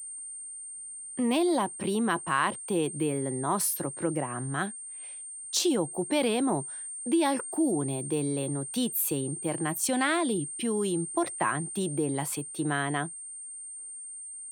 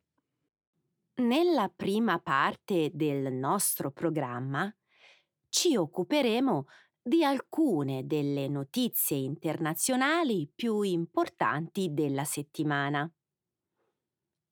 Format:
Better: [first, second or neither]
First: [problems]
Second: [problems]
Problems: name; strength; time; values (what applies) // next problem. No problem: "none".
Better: second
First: high-pitched whine; loud; throughout; 8.5 kHz, 8 dB below the speech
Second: none